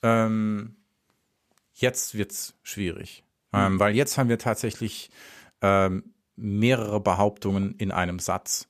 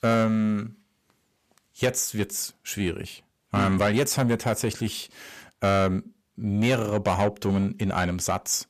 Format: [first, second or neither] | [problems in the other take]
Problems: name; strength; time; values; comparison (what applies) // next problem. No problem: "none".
first | distortion; slight; 10 dB below the speech